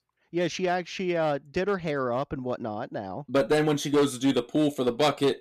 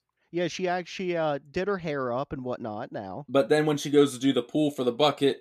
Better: second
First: distortion; slight; 5% of the sound clipped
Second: none

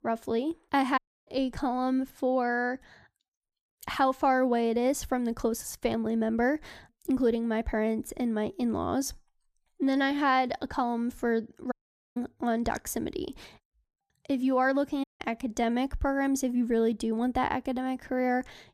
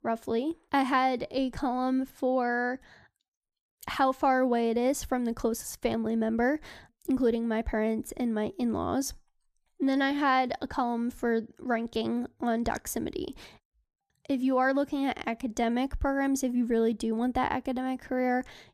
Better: second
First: audio cutting out; at 1 s, at 12 s and at 15 s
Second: none

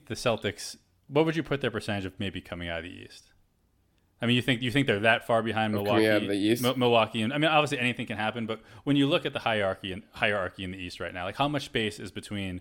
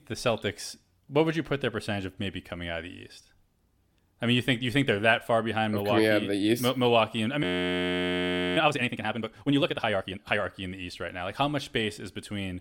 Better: first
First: none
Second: audio freezing; at 7.5 s for 1 s

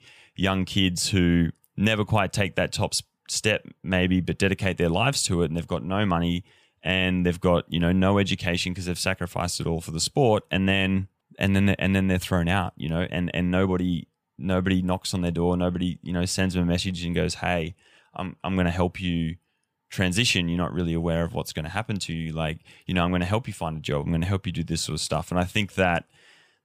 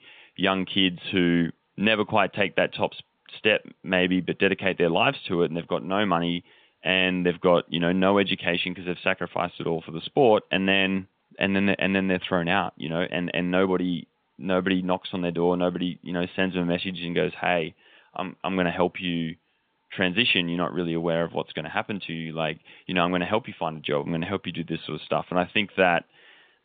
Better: first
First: none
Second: phone-call audio

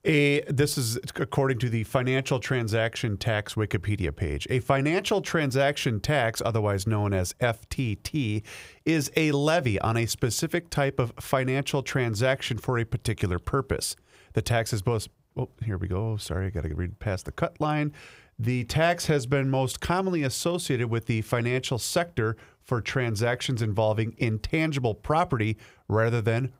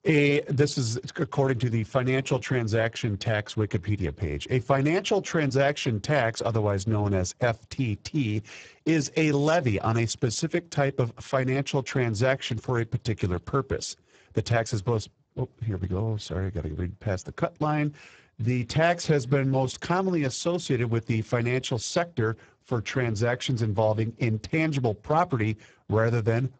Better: first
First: none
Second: garbled, watery; badly; nothing above 8 kHz

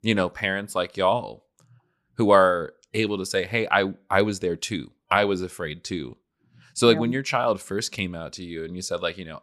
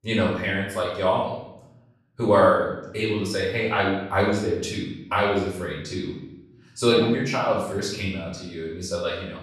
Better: first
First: none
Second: room echo; noticeable; dies away in 0.8 s // off-mic speech; far

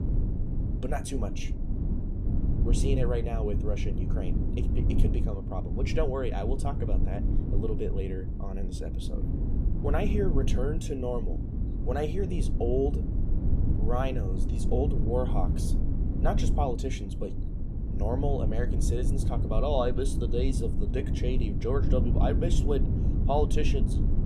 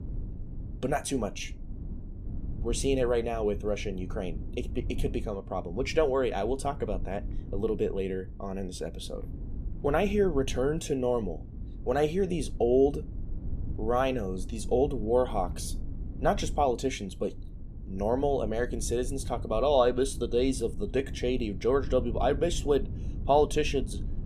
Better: second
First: low rumble; loud; throughout; 7 dB below the speech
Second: low rumble; faint; throughout; 20 dB below the speech

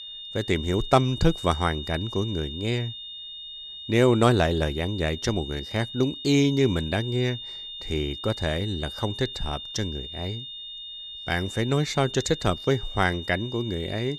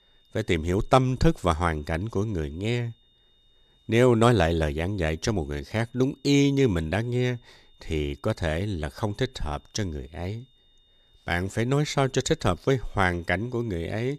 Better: second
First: high-pitched whine; loud; throughout; 3.5 kHz, 10 dB below the speech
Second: high-pitched whine; faint; throughout; 3.5 kHz, 35 dB below the speech

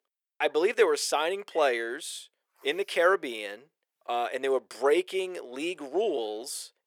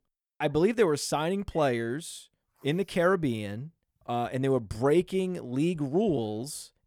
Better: second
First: thin; very; fading below 400 Hz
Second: none

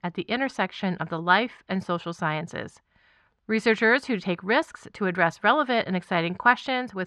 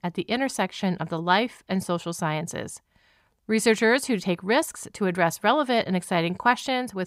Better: second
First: muffled; very slightly; fading above 3.5 kHz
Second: none

